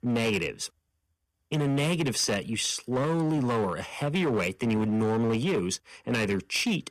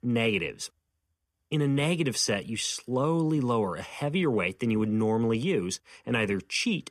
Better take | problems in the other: second | distortion; slight; 14% of the sound clipped

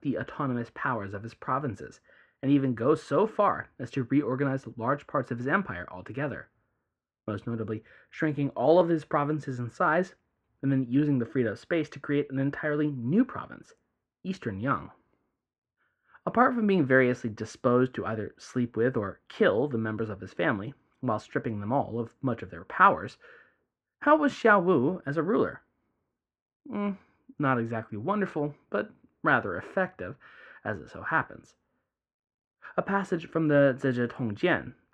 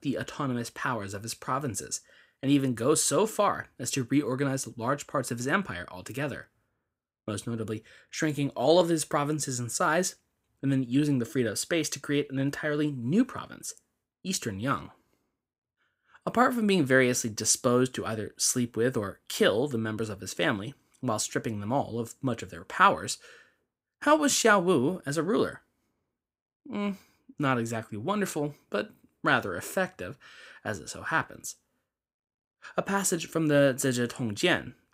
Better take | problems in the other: second | muffled; very; fading above 1.5 kHz

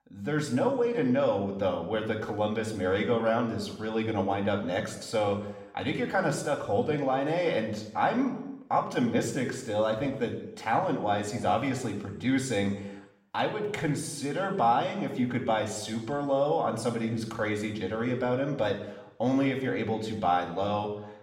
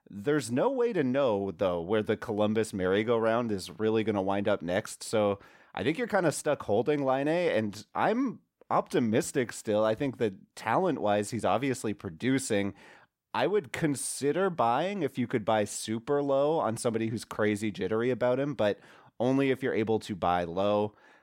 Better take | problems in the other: second | room echo; slight; dies away in 0.8 s // off-mic speech; somewhat distant

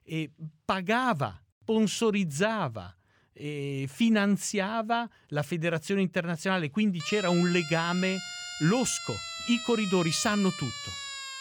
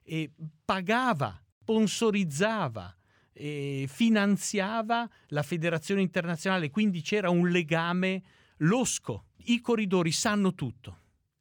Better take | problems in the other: second | siren; noticeable; from 7 s on; peak 7 dB below the speech

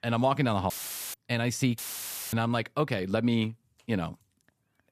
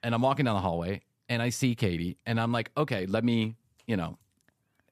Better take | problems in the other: second | audio cutting out; filled with static; at 0.5 s and at 2 s for 0.5 s

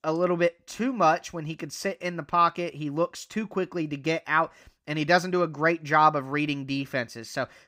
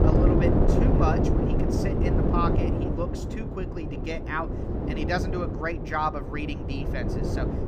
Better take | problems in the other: first | wind noise on the microphone; heavy; 1 dB below the speech

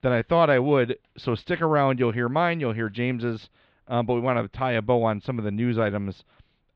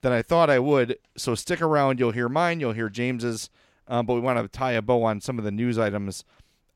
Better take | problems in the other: second | muffled; slightly; fading above 3.5 kHz

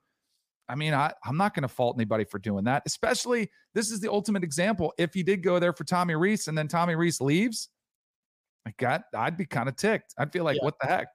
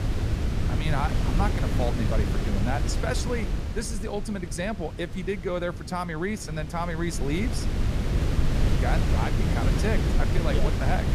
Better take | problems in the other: first | wind noise on the microphone; heavy; 3 dB below the speech

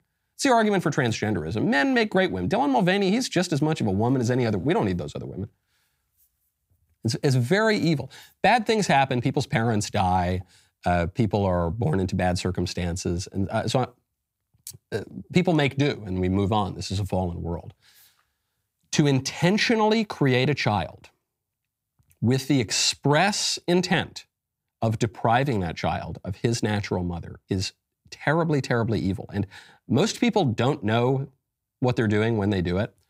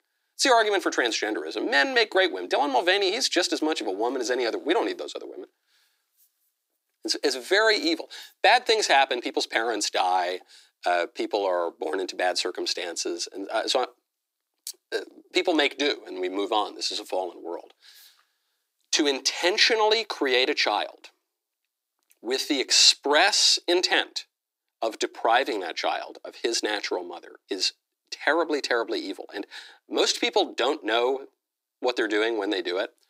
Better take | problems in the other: first | thin; very; fading below 300 Hz

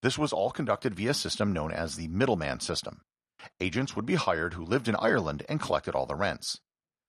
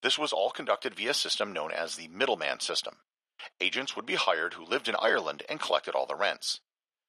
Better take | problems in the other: first | thin; somewhat; fading below 500 Hz

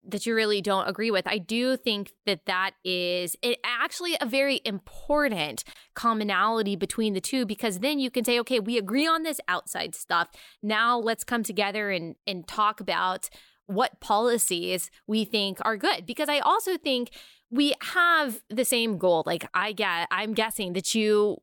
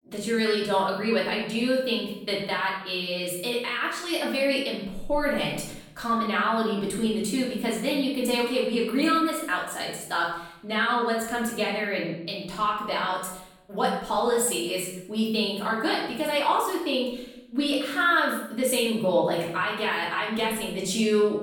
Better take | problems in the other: first | off-mic speech; far // room echo; noticeable; dies away in 0.8 s

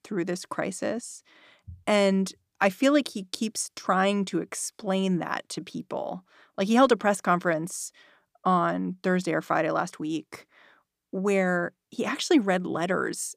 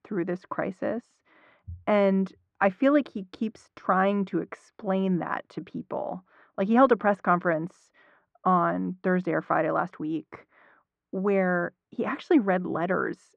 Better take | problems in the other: first | muffled; very; fading above 1.5 kHz

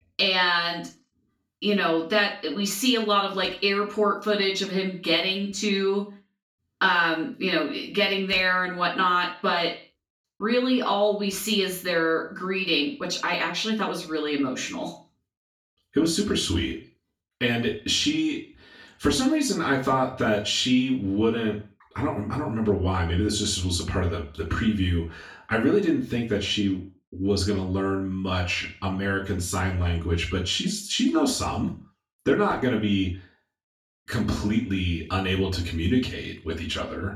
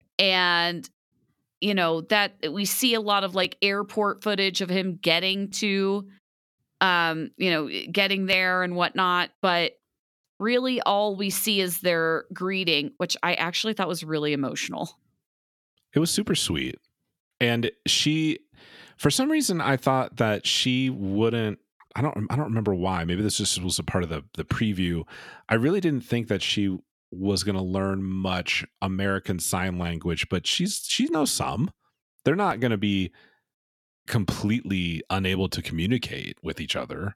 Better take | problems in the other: second | room echo; slight; dies away in 0.3 s // off-mic speech; far

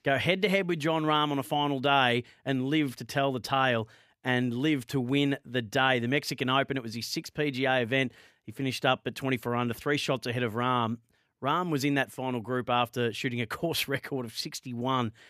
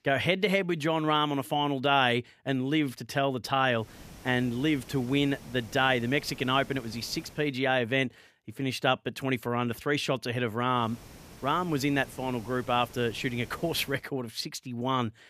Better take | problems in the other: first | hiss; faint; from 4 to 7.5 s and from 11 to 14 s; 20 dB below the speech

